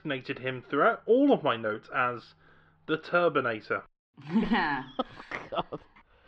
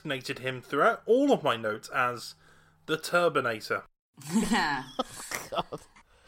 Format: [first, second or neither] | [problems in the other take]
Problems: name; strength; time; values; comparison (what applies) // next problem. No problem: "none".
second | muffled; slightly; fading above 3.5 kHz